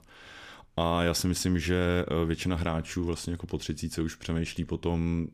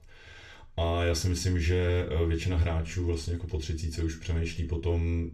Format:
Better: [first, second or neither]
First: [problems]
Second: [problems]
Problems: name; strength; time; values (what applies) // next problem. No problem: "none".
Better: first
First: none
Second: room echo; very slight; dies away in 0.3 s // off-mic speech; far